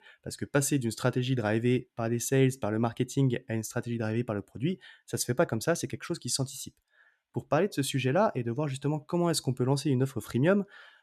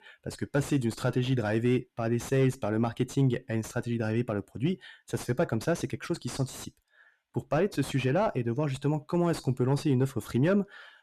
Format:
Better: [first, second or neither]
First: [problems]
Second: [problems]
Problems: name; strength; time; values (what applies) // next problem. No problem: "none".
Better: first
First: none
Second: distortion; slight; 10 dB below the speech